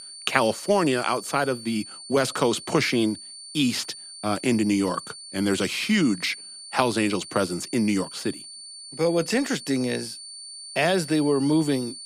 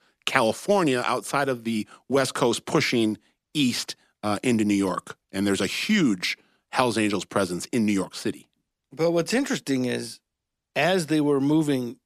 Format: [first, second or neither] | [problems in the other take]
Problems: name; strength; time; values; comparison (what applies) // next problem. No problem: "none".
second | high-pitched whine; noticeable; throughout; 4.5 kHz, 15 dB below the speech